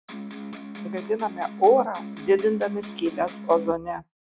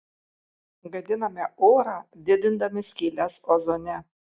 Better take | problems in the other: second | background sound (Electric guitar); 11 dB below the speech

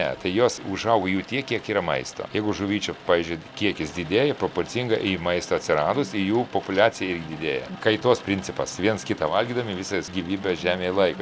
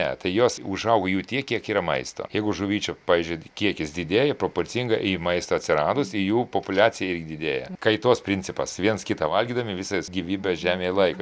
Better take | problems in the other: second | background sound (Rain); 18 dB below the speech

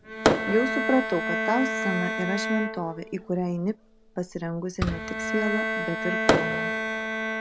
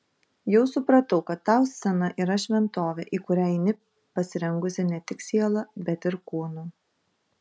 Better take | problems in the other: second | background sound (Bowed string instrument + Fireworks); 1 dB above the speech

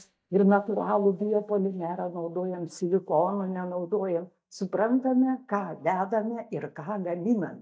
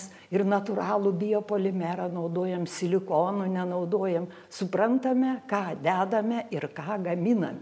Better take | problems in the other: second | noise reduction (neural mask model DeepFilterNet 3)

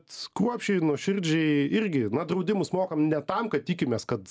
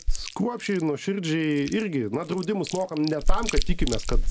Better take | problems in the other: first | background sound (Chewing, mastication); 2 dB above the speech

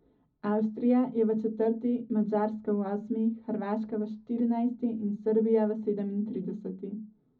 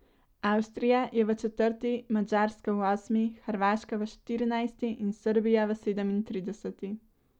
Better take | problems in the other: second | room echo; dies away in 0.4 s

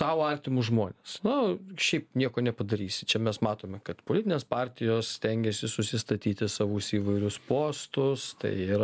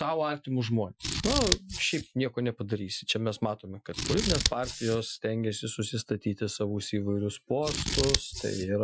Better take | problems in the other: first | noise reduction (classical method Wiener filter)

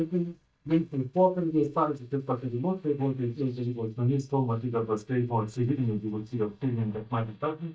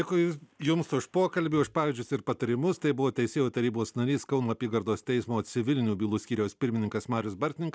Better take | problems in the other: second | noise reduction (neural mask model DeepFilterNet 3)

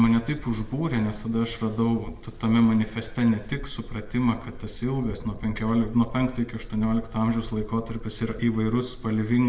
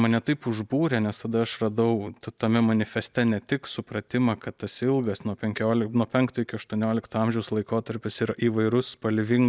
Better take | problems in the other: second | background sound (Mechanical fan); 13 dB below the speech // room echo; dies away in 1 s

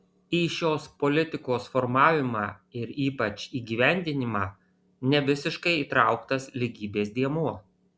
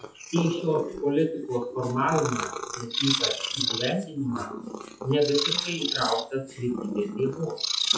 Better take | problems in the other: first | noise reduction (classical method WPE with log-MMSE)

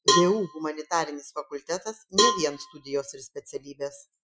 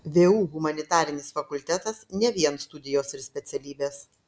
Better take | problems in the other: second | noise reduction (classical method Wiener filter)

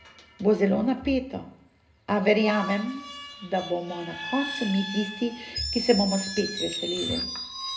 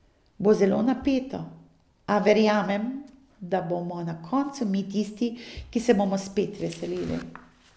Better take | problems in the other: second | background sound (Screech); 9 dB below the speech // room echo; dies away in 0.2 s

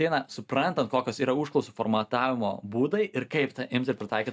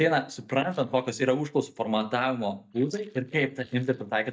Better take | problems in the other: first | noise reduction (neural mask model DeepFilterNet 3)

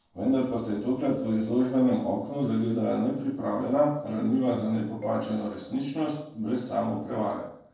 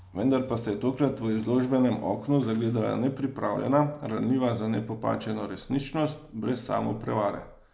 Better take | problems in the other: second | noise reduction (neural separator model SepFormer DNS4)

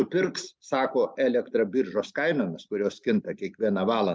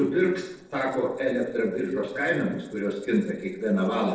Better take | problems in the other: first | noise reduction (neural separator model SepFormer DNS4)

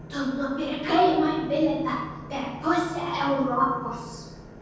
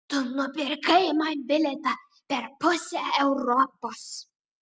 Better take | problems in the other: second | background sound (Engine / Boat, Water vehicle); 14 dB below the speech // room echo; dies away in 1.1 s

